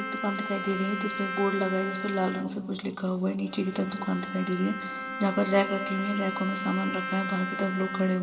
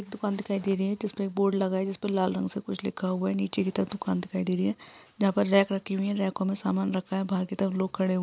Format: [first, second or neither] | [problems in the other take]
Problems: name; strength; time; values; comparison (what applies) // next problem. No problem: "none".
second | background sound (Bowed string instrument); 7 dB below the speech // room echo; dies away in 2 s